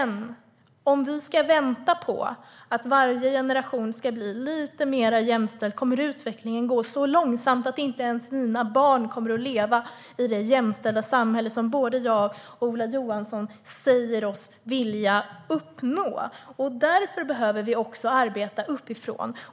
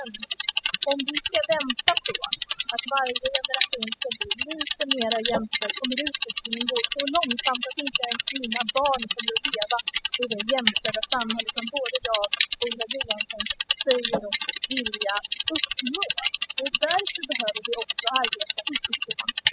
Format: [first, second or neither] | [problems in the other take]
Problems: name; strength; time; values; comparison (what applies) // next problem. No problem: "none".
first | noise reduction (classical method spectral subtraction)